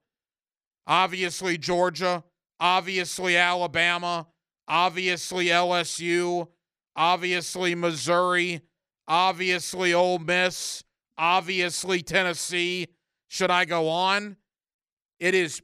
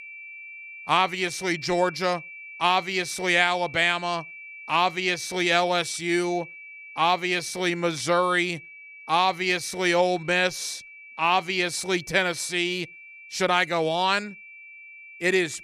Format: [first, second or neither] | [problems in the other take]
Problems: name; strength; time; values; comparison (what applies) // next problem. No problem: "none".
first | high-pitched whine; noticeable; throughout; 2.5 kHz, 15 dB below the speech